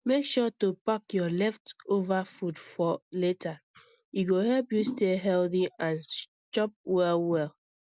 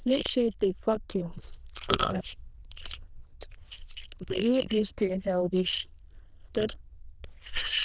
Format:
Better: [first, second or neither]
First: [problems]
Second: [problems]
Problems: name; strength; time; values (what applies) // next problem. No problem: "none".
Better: first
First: none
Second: noise reduction (neural diffusion model UNIVERSE++)